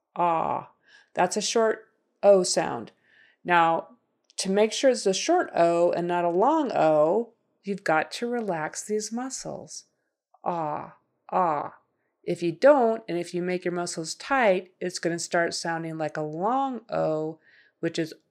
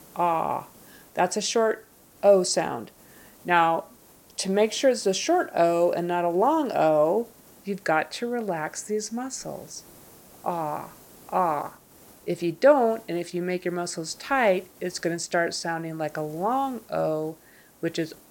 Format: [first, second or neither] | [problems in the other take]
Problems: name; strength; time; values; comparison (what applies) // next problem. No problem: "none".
first | hiss; faint; throughout; 25 dB below the speech